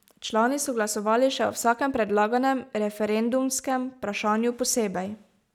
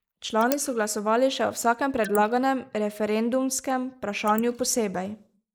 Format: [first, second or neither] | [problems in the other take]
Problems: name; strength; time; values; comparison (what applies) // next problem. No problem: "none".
first | noise reduction (neural mask model Resemble Enhance denoiser)